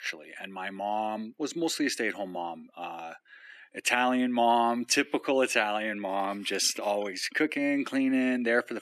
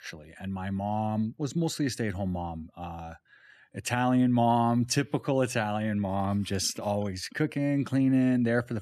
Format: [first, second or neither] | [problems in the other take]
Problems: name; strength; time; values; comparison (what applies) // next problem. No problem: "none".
second | thin; very slightly; fading below 300 Hz